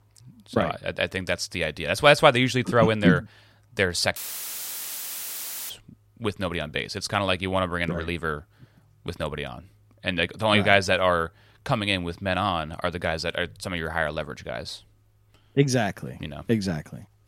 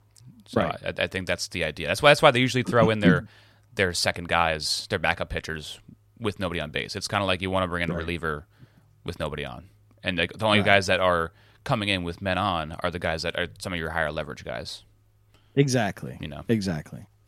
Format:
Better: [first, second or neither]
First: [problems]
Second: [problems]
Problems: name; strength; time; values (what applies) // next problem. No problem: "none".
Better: second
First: audio cutting out; filled with static; at 4 s for 1.5 s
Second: none